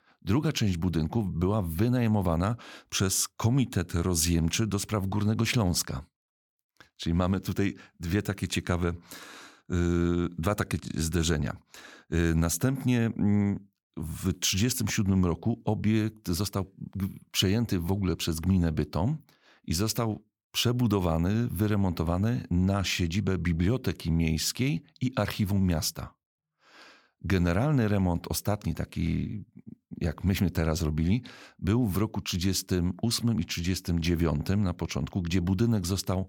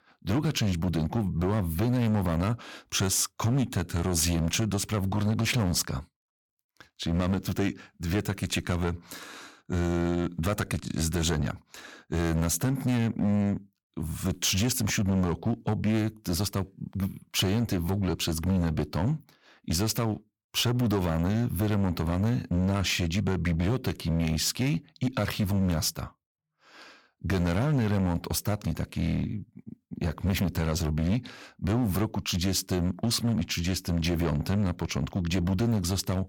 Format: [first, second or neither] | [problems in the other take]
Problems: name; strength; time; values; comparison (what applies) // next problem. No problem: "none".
first | distortion; slight; 9% of the sound clipped